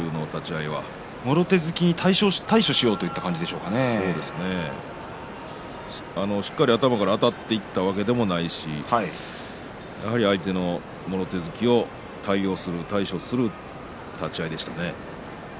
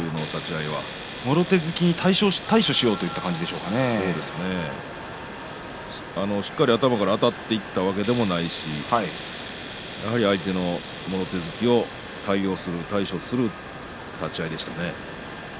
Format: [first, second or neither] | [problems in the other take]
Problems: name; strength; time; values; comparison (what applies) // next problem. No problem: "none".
first | background sound (Domestic sounds, home sounds); 16 dB below the speech